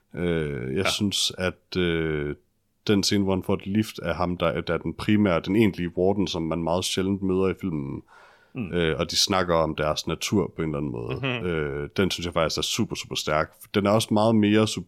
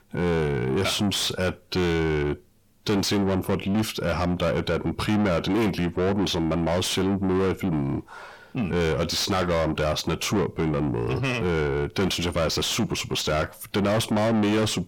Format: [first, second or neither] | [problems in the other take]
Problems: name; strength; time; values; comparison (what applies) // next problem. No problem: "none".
first | distortion; heavy; 5 dB below the speech